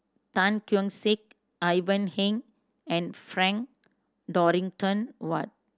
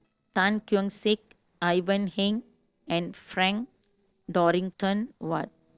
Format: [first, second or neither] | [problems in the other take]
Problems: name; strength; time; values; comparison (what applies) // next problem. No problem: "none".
first | noise reduction (neural separator model SepFormer DNS4)